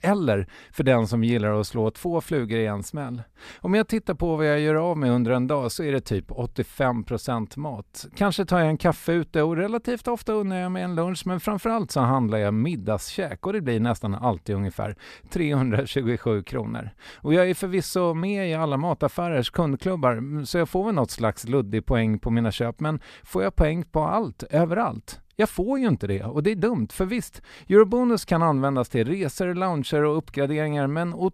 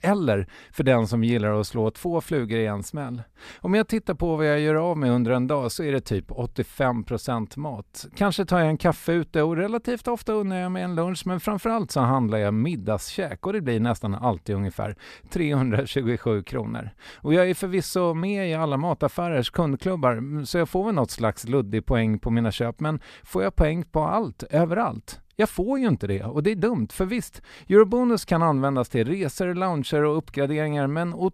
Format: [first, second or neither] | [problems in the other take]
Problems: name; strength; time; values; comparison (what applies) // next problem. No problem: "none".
neither | none